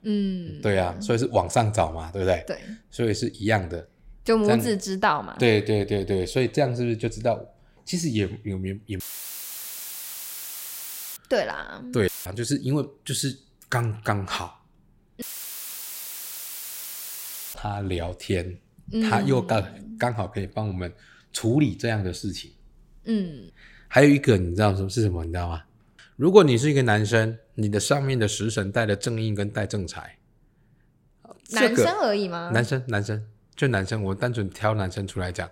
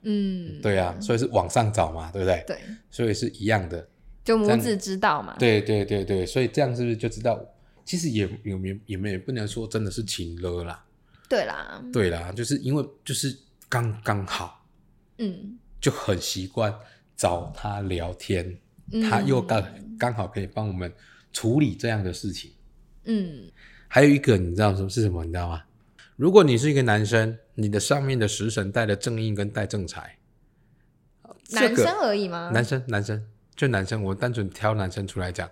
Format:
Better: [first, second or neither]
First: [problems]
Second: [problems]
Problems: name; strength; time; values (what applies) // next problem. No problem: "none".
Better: second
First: audio cutting out; filled with static; at 9 s for 2 s, at 12 s and at 15 s for 2.5 s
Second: none